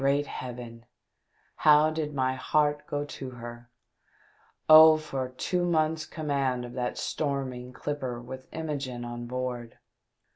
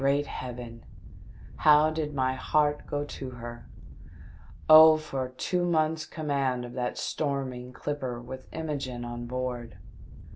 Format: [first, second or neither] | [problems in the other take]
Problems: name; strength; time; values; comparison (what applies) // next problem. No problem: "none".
first | background sound (Wind); 16 dB below the speech